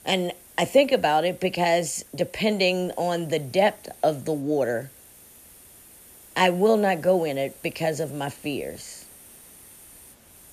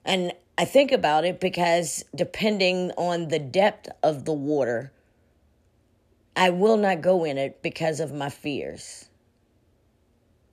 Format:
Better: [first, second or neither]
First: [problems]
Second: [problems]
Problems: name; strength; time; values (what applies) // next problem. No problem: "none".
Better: second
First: hiss; faint; throughout; 25 dB below the speech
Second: none